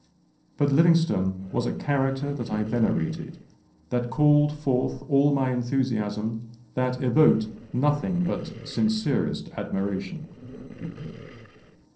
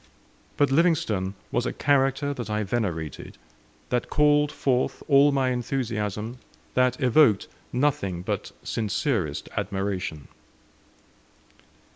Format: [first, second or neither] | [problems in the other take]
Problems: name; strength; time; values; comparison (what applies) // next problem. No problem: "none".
second | noise reduction (neural separator model SepFormer DNS4)